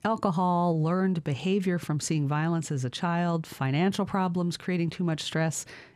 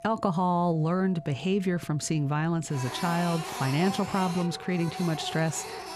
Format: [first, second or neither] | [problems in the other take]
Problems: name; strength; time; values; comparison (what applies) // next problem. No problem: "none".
first | household noises; loud; throughout; 9 dB below the speech